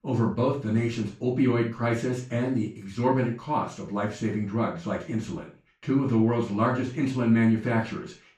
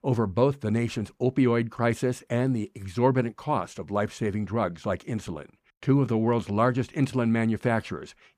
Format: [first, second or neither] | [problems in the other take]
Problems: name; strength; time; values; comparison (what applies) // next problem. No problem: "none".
second | room echo; noticeable; dies away in 0.3 s // off-mic speech; far